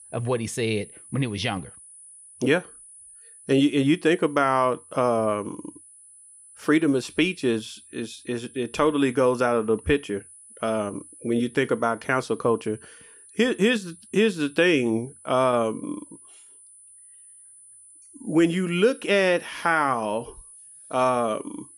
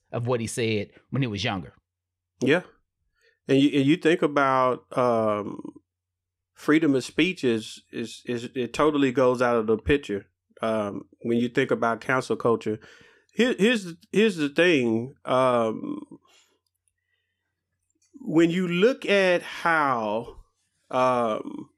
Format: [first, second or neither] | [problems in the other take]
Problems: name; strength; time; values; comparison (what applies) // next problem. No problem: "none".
second | high-pitched whine; faint; throughout; 10 kHz, 20 dB below the speech